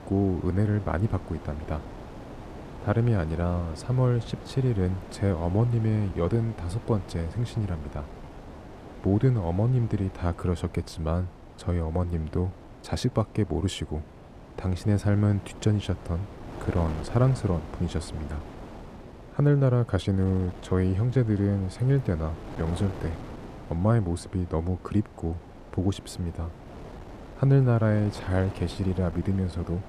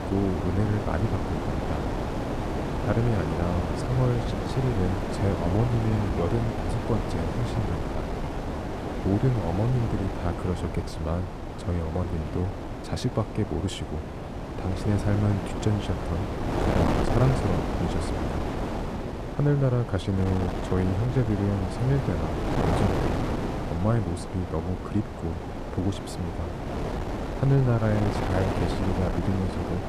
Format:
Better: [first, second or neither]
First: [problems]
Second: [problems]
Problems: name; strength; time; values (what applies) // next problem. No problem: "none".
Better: first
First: wind noise on the microphone; occasional gusts; 10 dB below the speech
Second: wind noise on the microphone; heavy; 1 dB above the speech